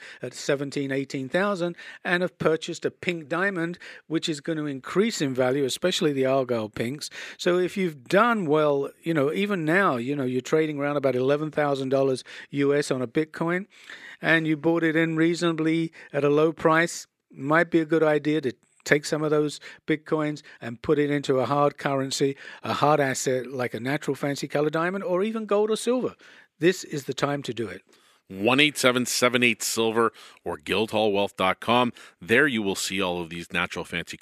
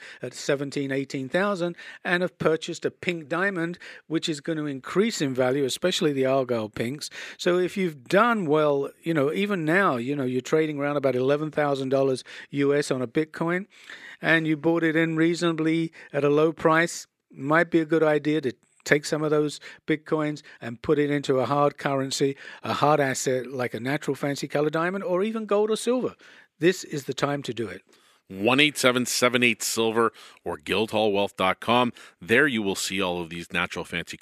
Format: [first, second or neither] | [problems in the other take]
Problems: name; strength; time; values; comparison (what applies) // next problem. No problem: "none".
neither | thin; somewhat; fading below 300 Hz; the same in both